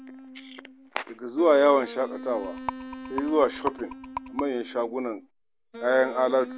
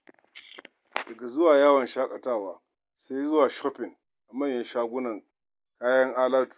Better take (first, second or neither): second